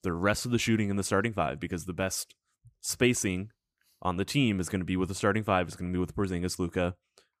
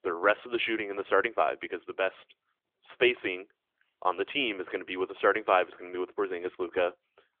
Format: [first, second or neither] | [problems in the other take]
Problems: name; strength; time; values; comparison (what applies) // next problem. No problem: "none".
first | phone-call audio; nothing above 3.5 kHz